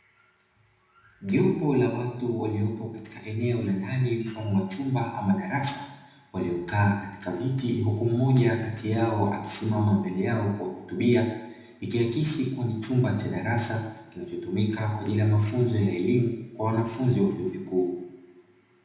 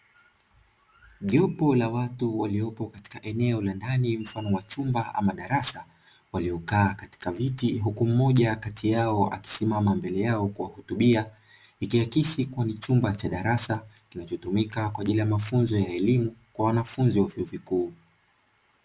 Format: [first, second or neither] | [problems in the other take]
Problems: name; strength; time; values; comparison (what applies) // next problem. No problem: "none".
second | room echo; dies away in 0.9 s